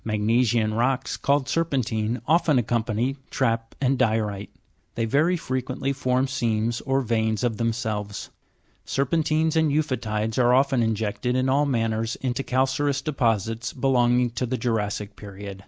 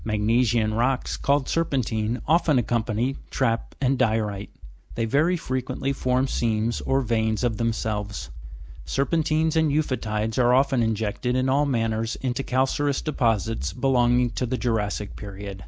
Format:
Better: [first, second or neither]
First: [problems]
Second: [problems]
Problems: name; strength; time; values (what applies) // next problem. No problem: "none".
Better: first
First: none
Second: background sound (Accelerating, revving, vroom); 11 dB below the speech